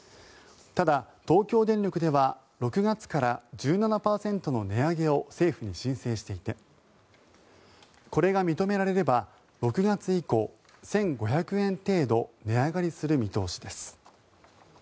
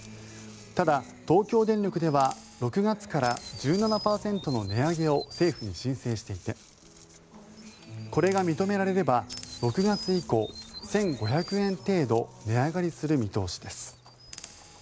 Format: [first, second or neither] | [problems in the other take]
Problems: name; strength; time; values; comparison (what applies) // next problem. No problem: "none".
first | background sound (Acoustic guitar + Chirp, tweet); 16 dB below the speech